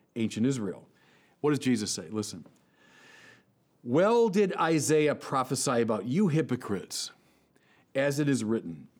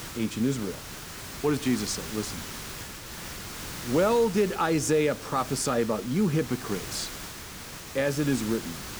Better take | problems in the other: first | hiss; noticeable; throughout; 10 dB below the speech

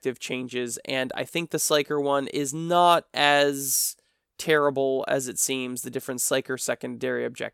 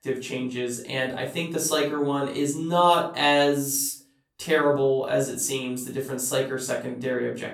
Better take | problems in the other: first | room echo; slight; dies away in 0.4 s // off-mic speech; far

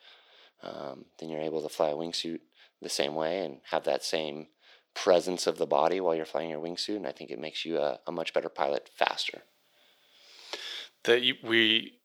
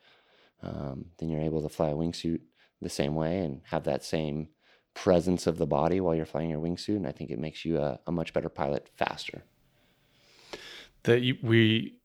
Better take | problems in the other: second | thin; somewhat; fading below 450 Hz

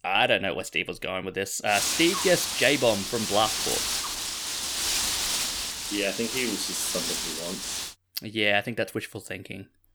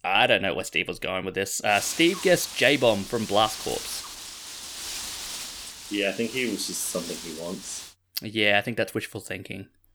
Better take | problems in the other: second | wind noise on the microphone; heavy; from 1.5 to 8 s; 2 dB below the speech; occasional gusts in the second

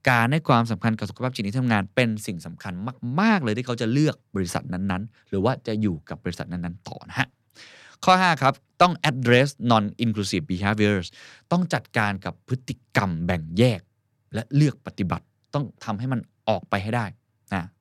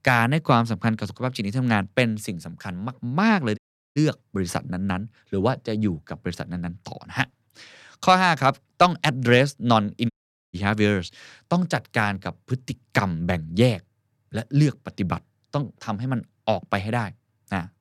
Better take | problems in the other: first | audio cutting out; at 3.5 s and at 10 s

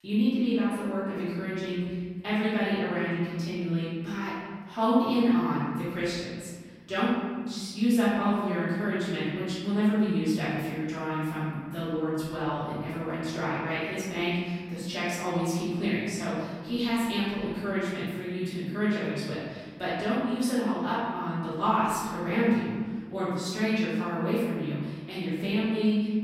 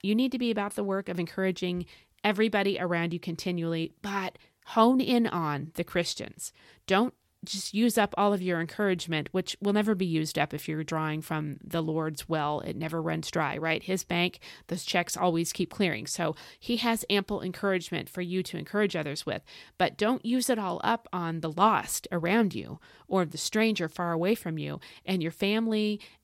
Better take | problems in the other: second | room echo; strong; dies away in 1.6 s // off-mic speech; far

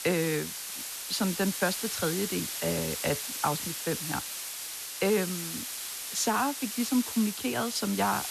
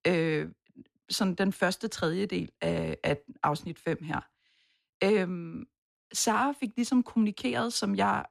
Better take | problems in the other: second | hiss; loud; throughout; 3 dB below the speech

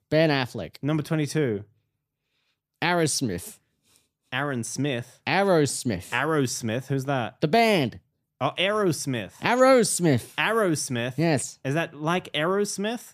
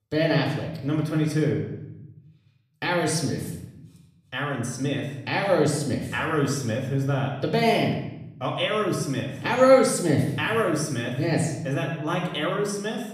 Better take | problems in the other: first | off-mic speech; somewhat distant // room echo; noticeable; dies away in 0.9 s

